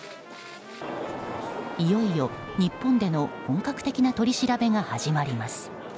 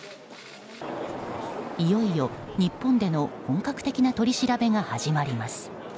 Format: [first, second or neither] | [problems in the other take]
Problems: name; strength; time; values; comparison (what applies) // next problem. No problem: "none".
second | background sound (Trumpet); 19 dB below the speech